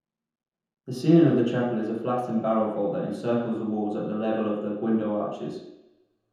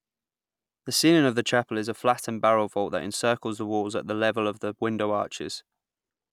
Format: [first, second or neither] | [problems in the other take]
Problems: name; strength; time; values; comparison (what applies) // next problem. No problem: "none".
second | room echo; dies away in 0.9 s